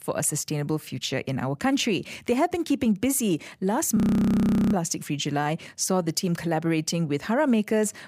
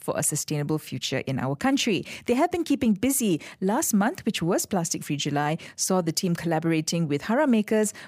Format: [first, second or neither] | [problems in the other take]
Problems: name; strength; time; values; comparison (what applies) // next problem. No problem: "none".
second | audio freezing; at 4 s for 1 s